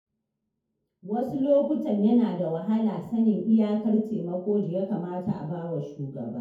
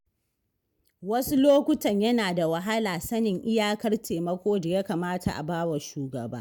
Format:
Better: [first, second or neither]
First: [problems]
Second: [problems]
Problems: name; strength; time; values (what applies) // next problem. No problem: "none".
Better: second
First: room echo; dies away in 0.6 s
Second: none